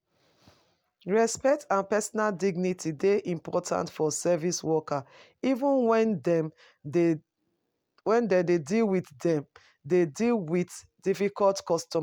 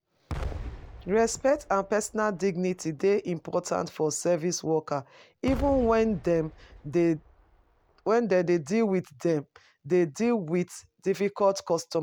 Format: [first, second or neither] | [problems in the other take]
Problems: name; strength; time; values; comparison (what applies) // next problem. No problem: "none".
first | background sound (Explosion); 14 dB below the speech